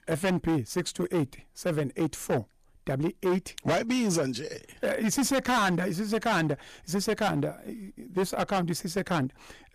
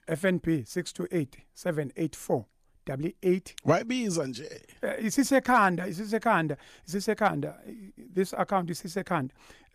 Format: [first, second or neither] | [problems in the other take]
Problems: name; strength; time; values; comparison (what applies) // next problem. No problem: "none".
second | distortion; heavy; 12% of the sound clipped